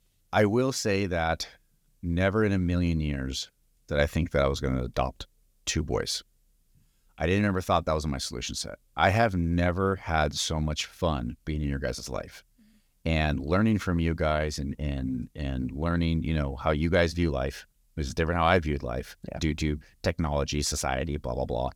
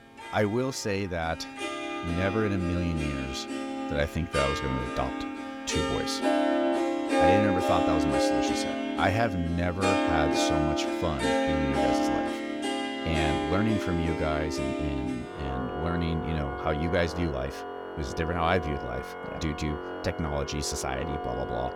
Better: first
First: none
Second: background music; very loud; throughout; 1 dB above the speech

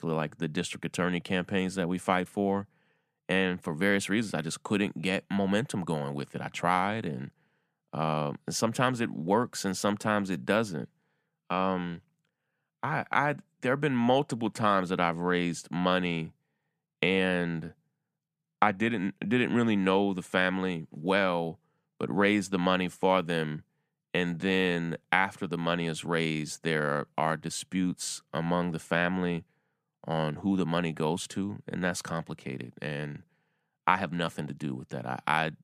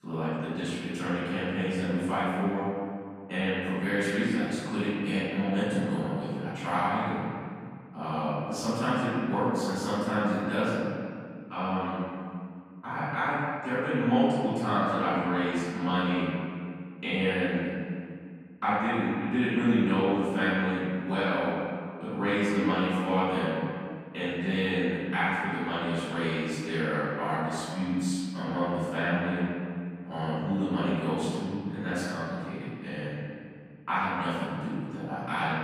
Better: first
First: none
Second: off-mic speech; far // room echo; strong; dies away in 2.1 s

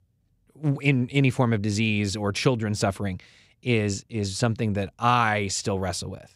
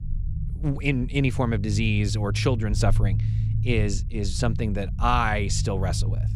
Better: first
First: none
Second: low rumble; noticeable; throughout; 15 dB below the speech

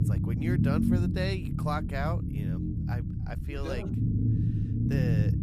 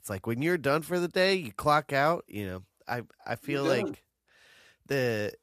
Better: second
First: low rumble; loud; throughout; 1 dB below the speech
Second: none

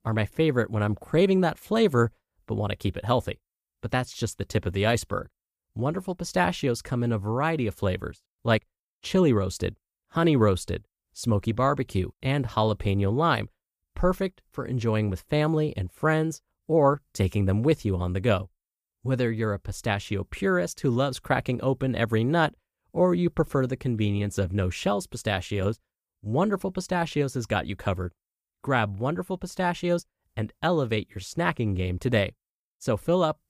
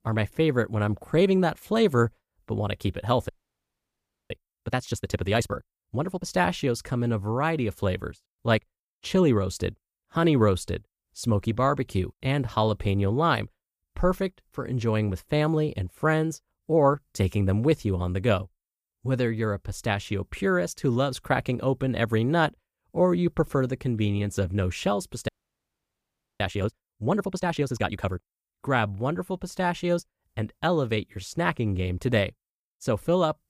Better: first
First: none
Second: audio freezing; at 3.5 s for 1 s and at 25 s for 1 s

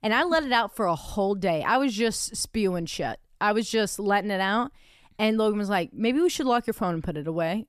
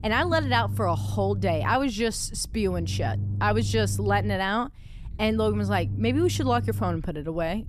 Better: first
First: none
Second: low rumble; noticeable; throughout; 20 dB below the speech

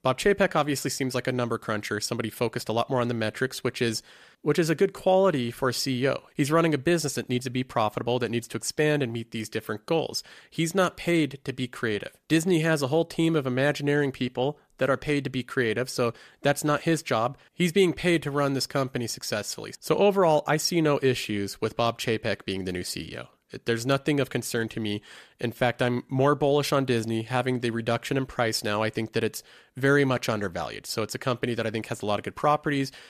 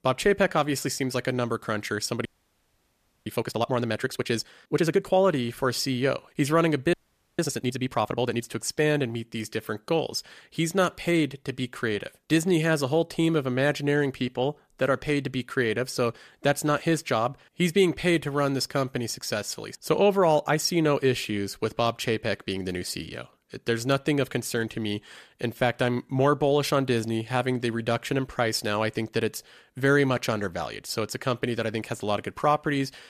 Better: first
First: none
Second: audio freezing; at 2.5 s for 1 s and at 7 s

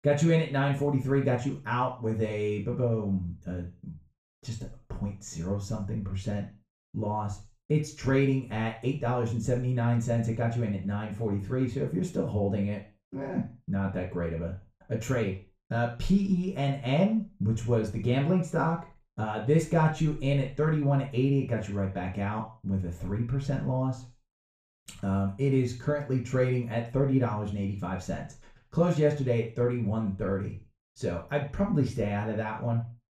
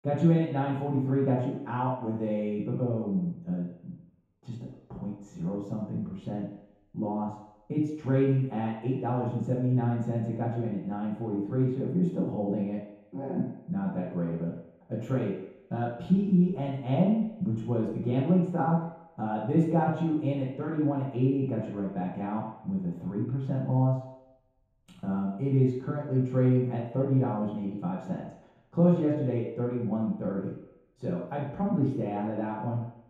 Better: first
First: room echo; slight; dies away in 0.3 s // off-mic speech; far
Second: room echo; strong; dies away in 0.8 s // off-mic speech; far

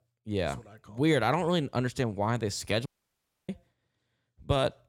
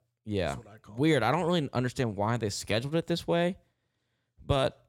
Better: second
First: audio cutting out; at 3 s for 0.5 s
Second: none

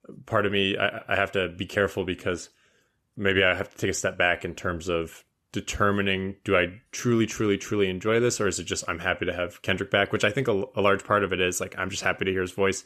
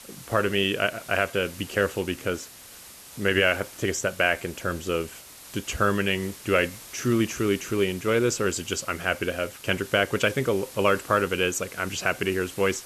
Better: first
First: none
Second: hiss; noticeable; throughout; 15 dB below the speech

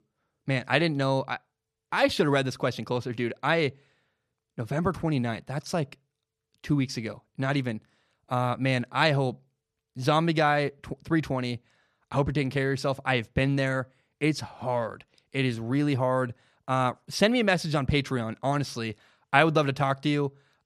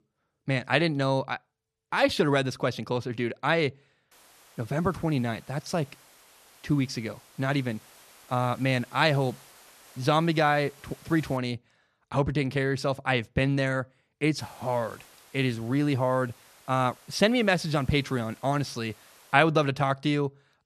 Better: first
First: none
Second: hiss; faint; from 4 to 11 s and from 14 to 19 s; 25 dB below the speech

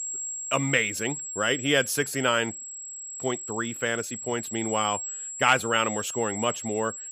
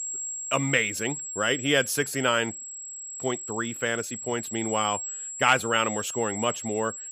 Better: neither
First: high-pitched whine; loud; throughout; 7.5 kHz, 7 dB below the speech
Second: high-pitched whine; loud; throughout; 7.5 kHz, 7 dB below the speech

